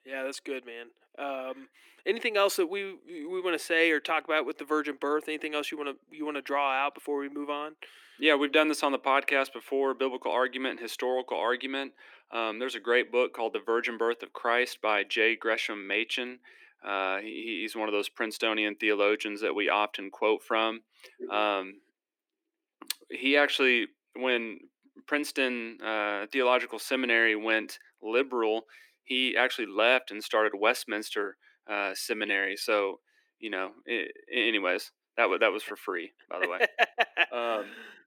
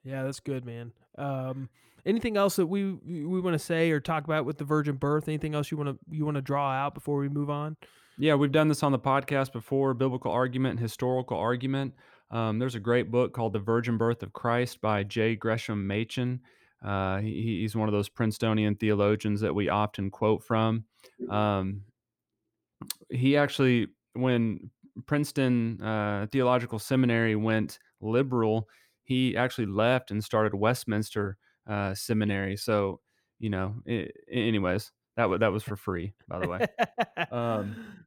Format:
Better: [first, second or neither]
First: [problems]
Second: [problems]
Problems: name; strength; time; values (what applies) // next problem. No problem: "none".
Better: second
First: thin; somewhat; fading below 300 Hz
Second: none